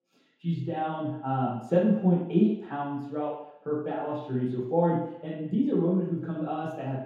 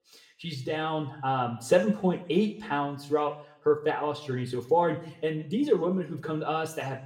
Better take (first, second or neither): second